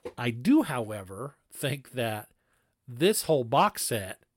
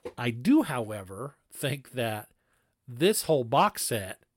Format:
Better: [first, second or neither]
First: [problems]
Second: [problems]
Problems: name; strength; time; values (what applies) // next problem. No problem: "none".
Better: neither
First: none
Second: none